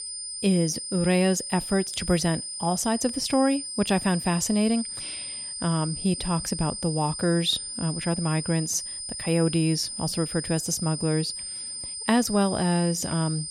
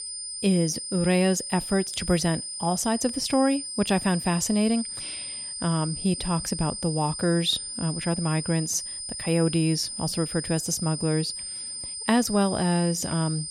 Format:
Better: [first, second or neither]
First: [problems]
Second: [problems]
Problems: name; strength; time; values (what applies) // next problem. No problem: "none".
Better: neither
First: high-pitched whine; loud; throughout; 9 kHz, 6 dB below the speech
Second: high-pitched whine; loud; throughout; 9 kHz, 6 dB below the speech